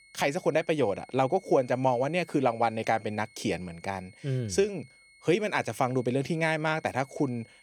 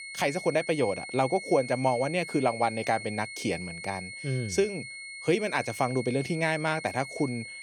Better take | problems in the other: first | high-pitched whine; loud; throughout; 2 kHz, 10 dB below the speech; faint in the first

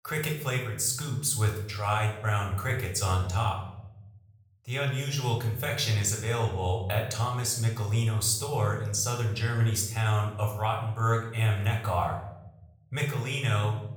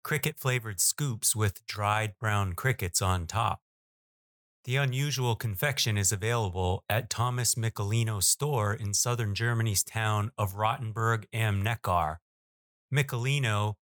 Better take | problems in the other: second | room echo; slight; dies away in 0.7 s // off-mic speech; somewhat distant

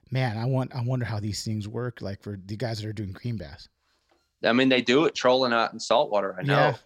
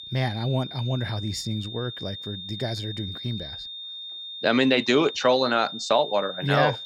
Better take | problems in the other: first | high-pitched whine; loud; throughout; 3.5 kHz, 10 dB below the speech

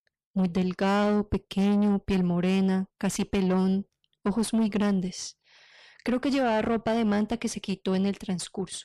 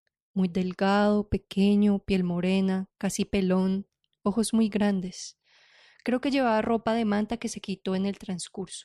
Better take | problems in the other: second | distortion; slight; 10 dB below the speech

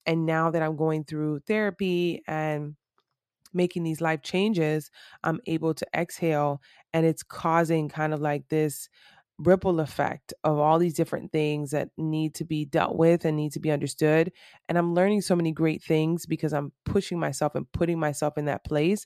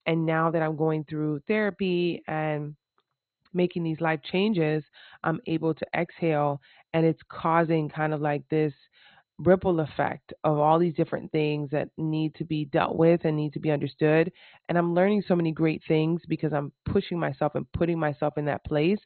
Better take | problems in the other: first | garbled, watery; badly; nothing above 4 kHz

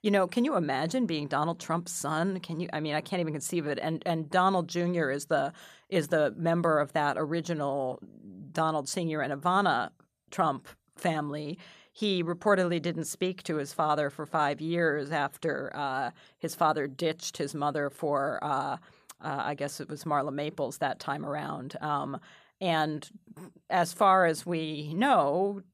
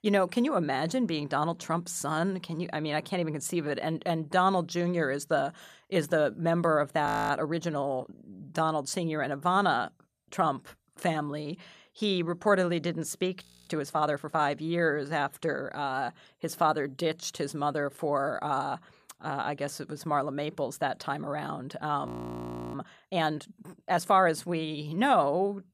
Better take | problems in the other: first | audio freezing; at 7 s, at 13 s and at 22 s for 0.5 s

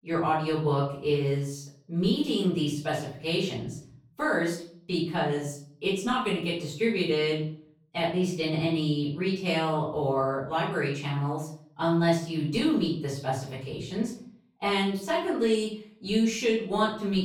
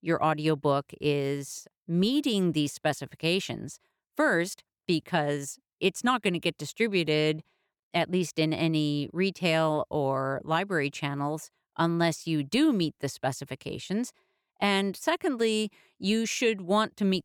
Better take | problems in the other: second | off-mic speech; far // room echo; noticeable; dies away in 0.6 s

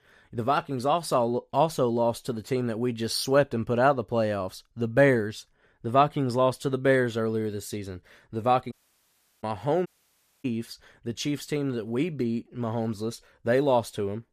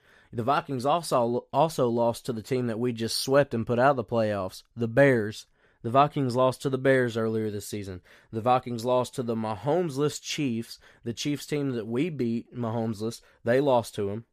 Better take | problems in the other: second | audio cutting out; at 8.5 s for 0.5 s and at 10 s for 0.5 s

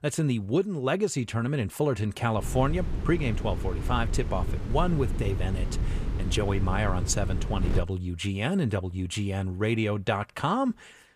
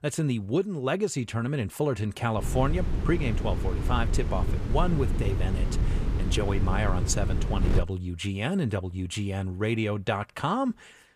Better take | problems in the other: first | wind noise on the microphone; heavy; from 2.5 to 8 s; 8 dB below the speech; occasional gusts in the first

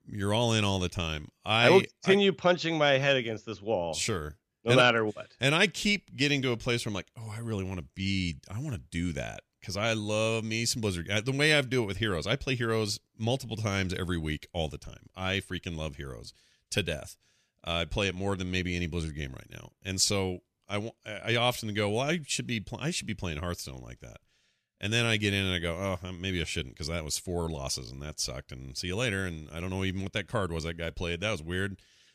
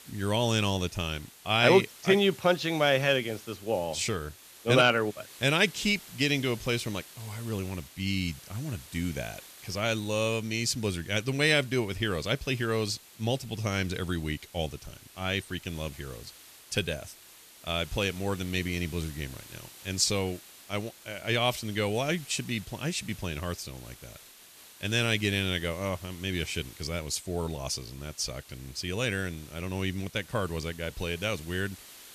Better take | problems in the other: first | hiss; noticeable; throughout; 20 dB below the speech

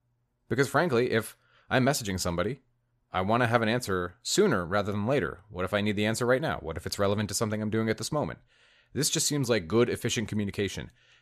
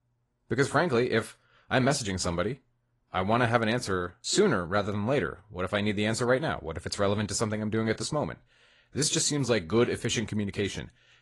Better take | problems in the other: first | garbled, watery; slightly; nothing above 10.5 kHz

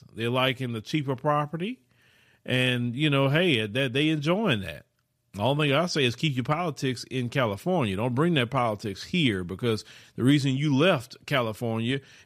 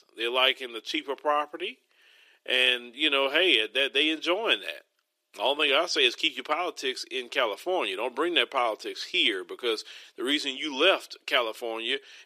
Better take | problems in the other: first | thin; very; fading below 350 Hz

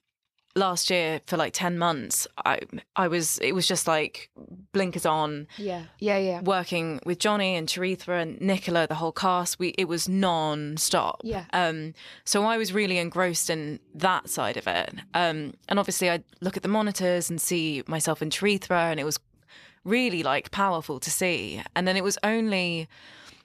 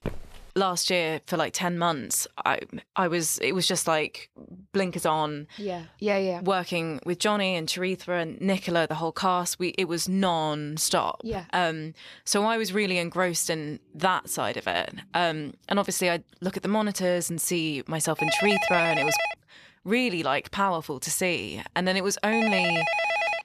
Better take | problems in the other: first | footsteps; faint; at the start; peak 10 dB below the speech // phone ringing; loud; from 18 s on; peak 2 dB above the speech

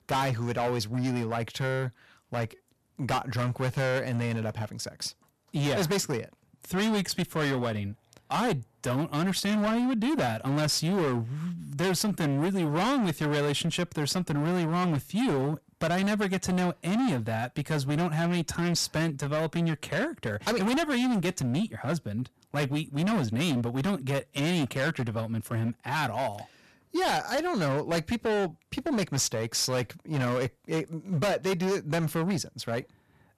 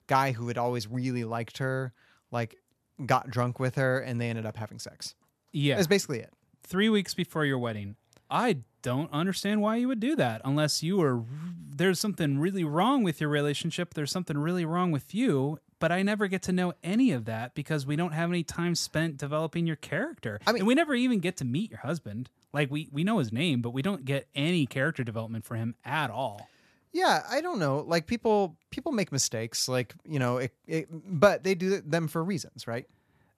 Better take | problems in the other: second | distortion; heavy; 21% of the sound clipped

